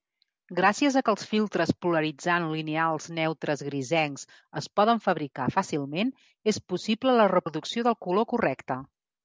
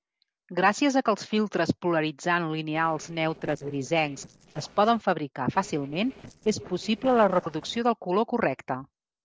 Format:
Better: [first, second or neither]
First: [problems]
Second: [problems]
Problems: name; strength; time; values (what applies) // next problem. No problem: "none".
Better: first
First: none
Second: noise reduction (neural separator model SepFormer DNS4)